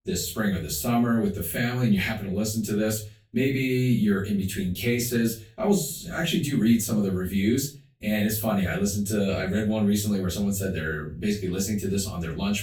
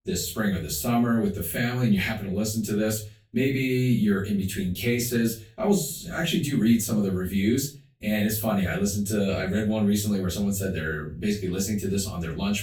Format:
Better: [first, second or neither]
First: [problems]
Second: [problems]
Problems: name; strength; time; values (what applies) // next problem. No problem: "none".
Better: neither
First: room echo; slight; dies away in 0.3 s // off-mic speech; far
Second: room echo; slight; dies away in 0.3 s // off-mic speech; far